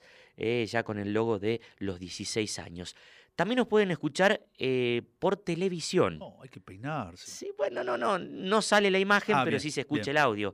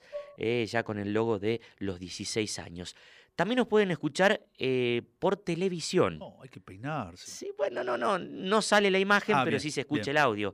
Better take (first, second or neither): first